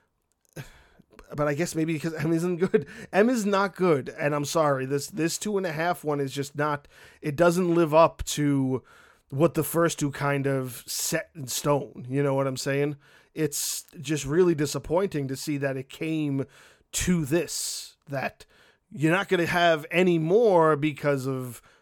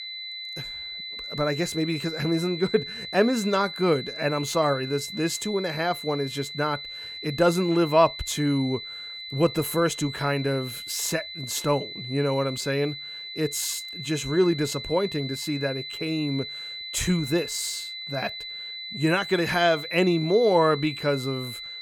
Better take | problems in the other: first | high-pitched whine; loud; throughout; 4 kHz, 8 dB below the speech

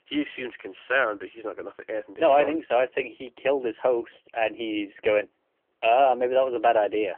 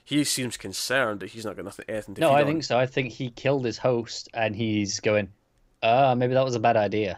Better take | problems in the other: second | phone-call audio; poor line; nothing above 3 kHz

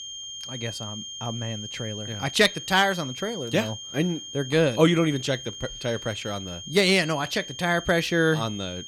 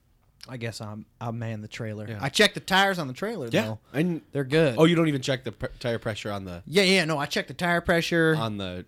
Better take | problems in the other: second | high-pitched whine; noticeable; throughout; 3 kHz, 10 dB below the speech

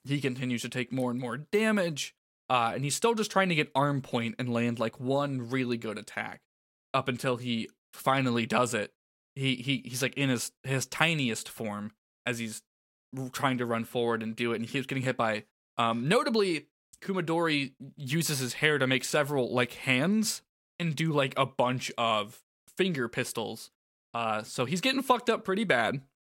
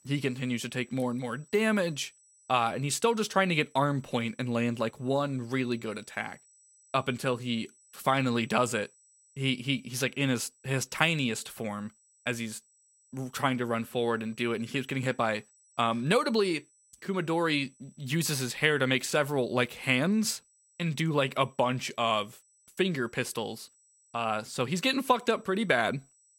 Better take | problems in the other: first | high-pitched whine; faint; throughout; 8 kHz, 30 dB below the speech

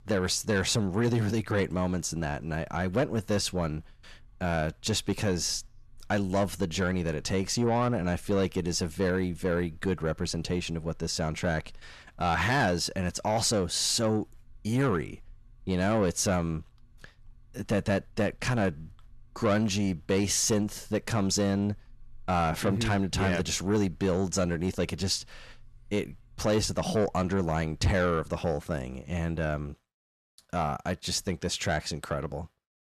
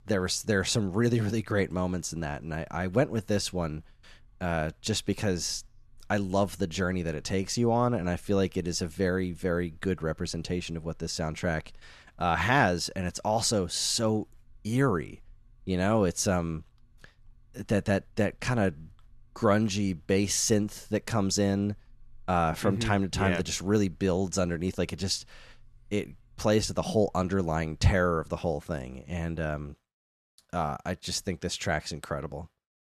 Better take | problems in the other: second | distortion; slight; 10 dB below the speech

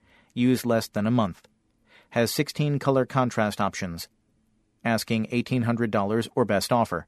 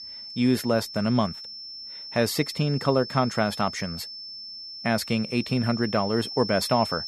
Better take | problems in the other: first | high-pitched whine; loud; throughout; 5.5 kHz, 10 dB below the speech

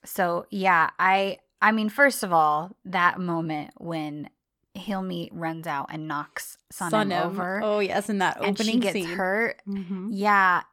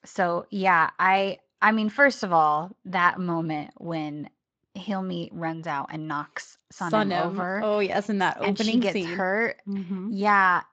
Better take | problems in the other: first | garbled, watery; slightly; nothing above 7.5 kHz

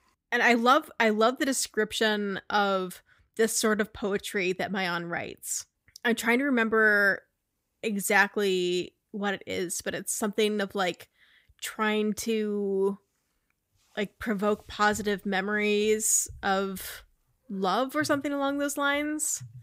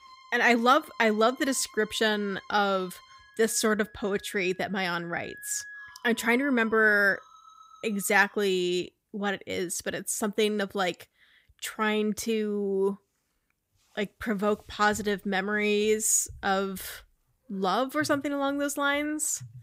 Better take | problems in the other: first | background music; faint; until 8.5 s; 25 dB below the speech

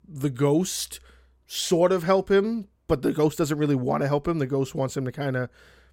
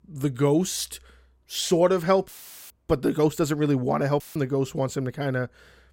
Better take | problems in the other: first | audio cutting out; filled with static; at 2.5 s and at 4 s

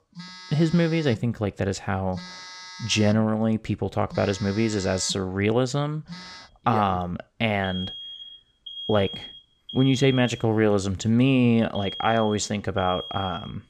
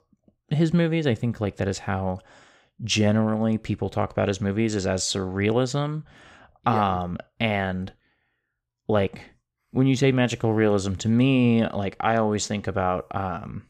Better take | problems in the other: second | alarms or sirens; noticeable; throughout; 15 dB below the speech

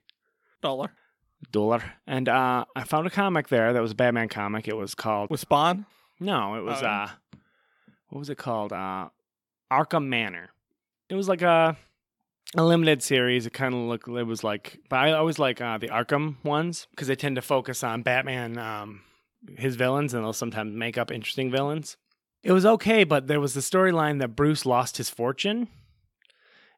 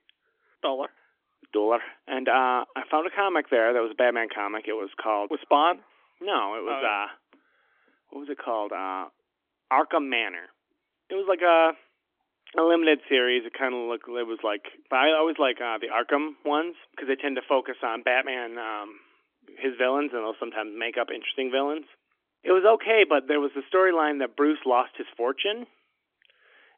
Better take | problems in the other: first | phone-call audio; nothing above 3.5 kHz

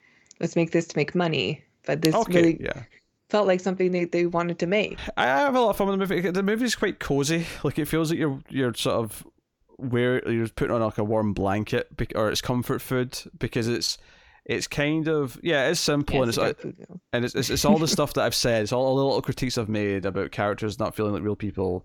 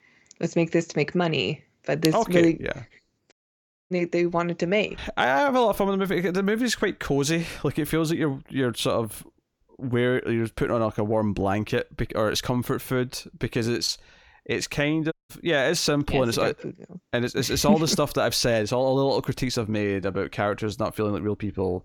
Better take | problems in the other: first | audio cutting out; at 3.5 s for 0.5 s and at 15 s

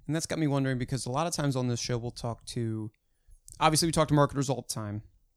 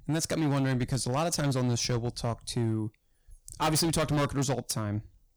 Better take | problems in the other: first | distortion; heavy; 13% of the sound clipped

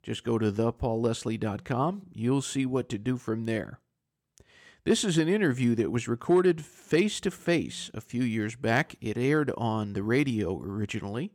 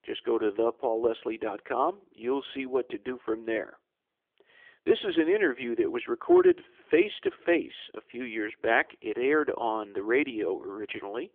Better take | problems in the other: first | phone-call audio; nothing above 3.5 kHz

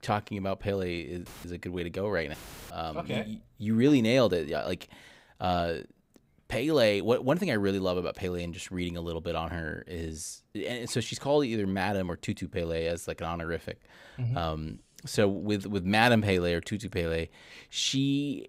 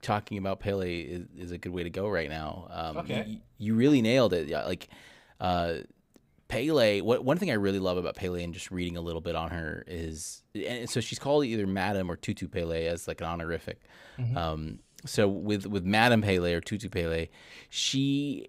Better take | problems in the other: second | audio cutting out; filled with static; at 1.5 s and at 2.5 s

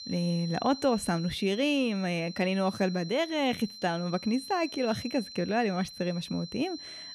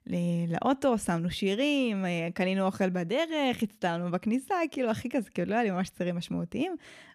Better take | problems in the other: second | high-pitched whine; noticeable; throughout; 4 kHz, 15 dB below the speech

